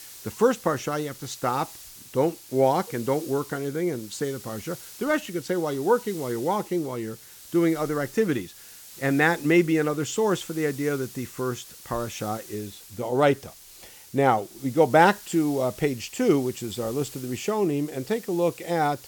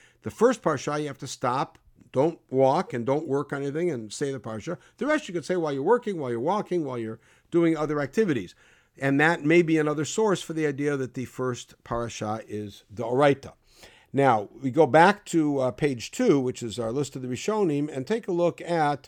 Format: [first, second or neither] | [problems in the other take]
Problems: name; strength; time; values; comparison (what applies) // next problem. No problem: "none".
second | hiss; noticeable; throughout; 15 dB below the speech